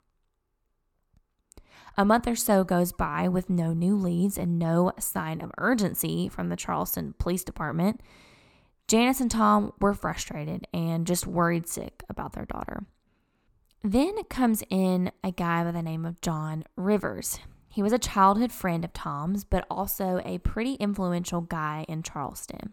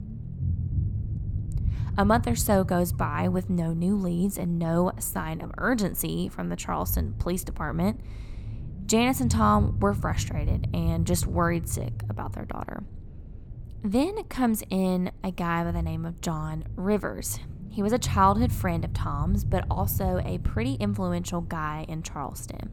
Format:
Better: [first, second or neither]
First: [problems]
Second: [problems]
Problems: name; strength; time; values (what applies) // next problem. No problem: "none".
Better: first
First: none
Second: low rumble; noticeable; throughout; 20 dB below the speech